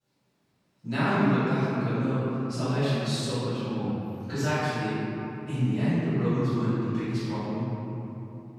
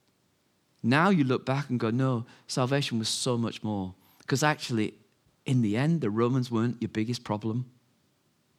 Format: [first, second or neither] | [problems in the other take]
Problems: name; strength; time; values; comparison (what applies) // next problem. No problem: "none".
second | off-mic speech; far // room echo; strong; dies away in 3 s